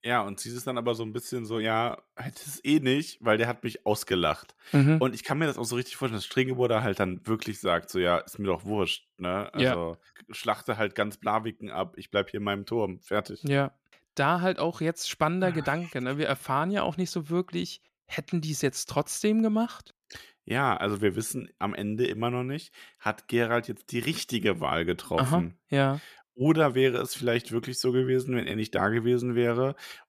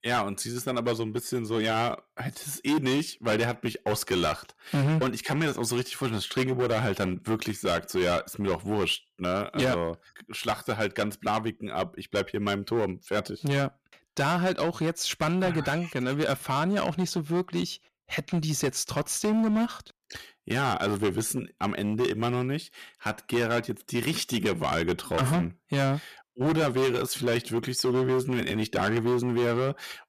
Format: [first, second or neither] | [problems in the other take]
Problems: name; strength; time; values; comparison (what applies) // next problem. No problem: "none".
first | distortion; heavy; 12% of the sound clipped